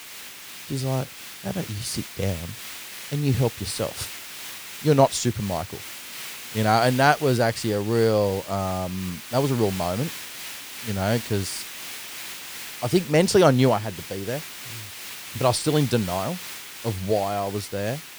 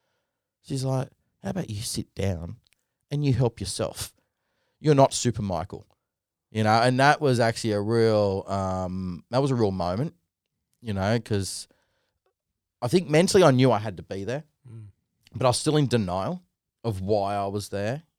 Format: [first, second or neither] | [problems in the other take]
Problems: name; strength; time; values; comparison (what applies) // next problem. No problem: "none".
second | hiss; noticeable; throughout; 10 dB below the speech